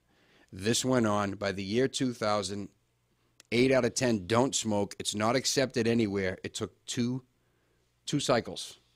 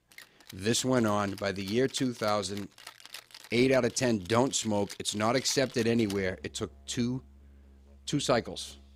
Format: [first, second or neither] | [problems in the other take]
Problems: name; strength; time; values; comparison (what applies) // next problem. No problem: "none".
first | background music; noticeable; throughout; 20 dB below the speech